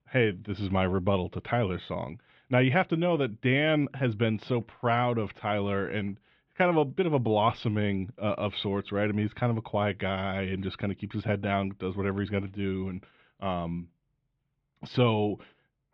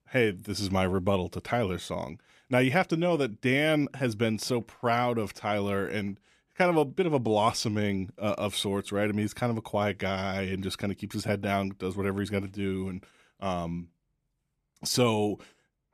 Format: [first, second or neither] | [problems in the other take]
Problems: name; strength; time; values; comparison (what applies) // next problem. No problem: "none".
second | muffled; very; fading above 3.5 kHz